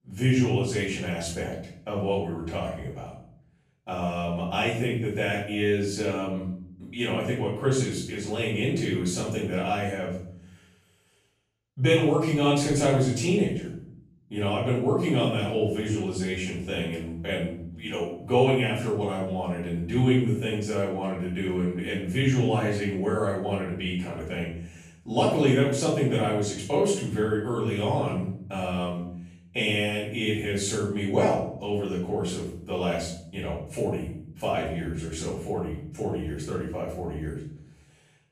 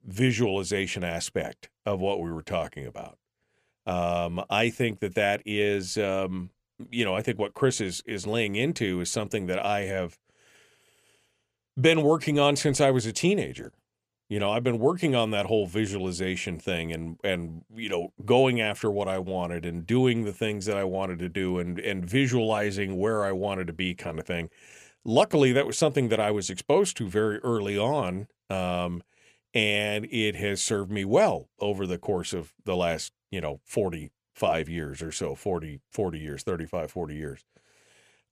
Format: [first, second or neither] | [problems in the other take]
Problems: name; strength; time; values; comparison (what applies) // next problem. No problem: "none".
second | off-mic speech; far // room echo; noticeable; dies away in 0.7 s